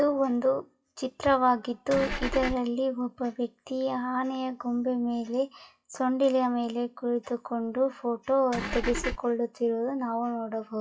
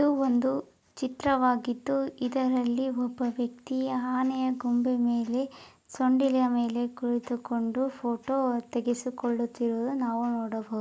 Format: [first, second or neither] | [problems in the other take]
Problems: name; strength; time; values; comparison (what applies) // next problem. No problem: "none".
second | noise reduction (classical method WPE with log-MMSE)